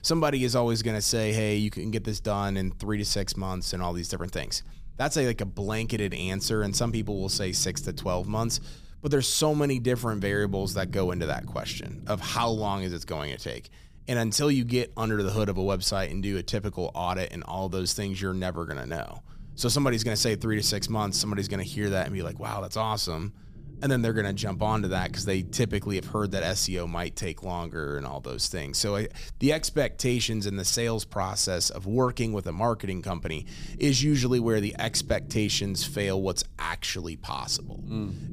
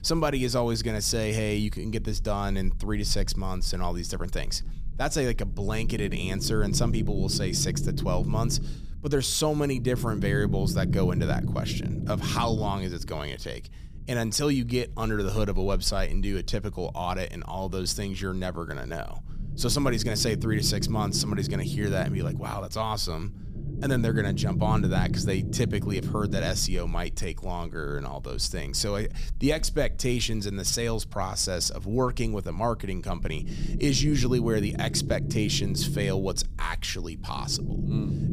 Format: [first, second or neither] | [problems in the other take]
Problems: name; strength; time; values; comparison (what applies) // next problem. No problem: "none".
first | low rumble; loud; throughout; 10 dB below the speech; faint in the first